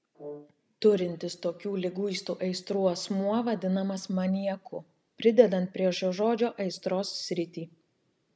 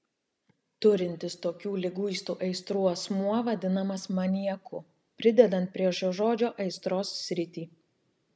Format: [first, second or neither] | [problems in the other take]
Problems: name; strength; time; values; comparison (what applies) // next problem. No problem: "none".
second | background sound (Brass instrument); 18 dB below the speech